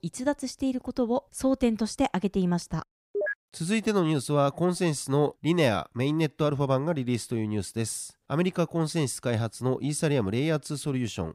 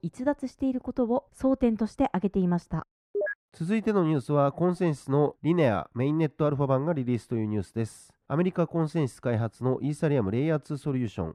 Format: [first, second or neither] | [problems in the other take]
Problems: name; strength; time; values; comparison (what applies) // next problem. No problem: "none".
first | muffled; slightly; fading above 2.5 kHz